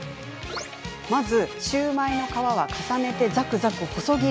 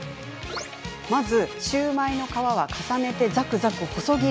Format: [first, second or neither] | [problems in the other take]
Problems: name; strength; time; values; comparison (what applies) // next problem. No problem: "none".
second | background sound (Wind instrument, woodwind instrument); 13 dB below the speech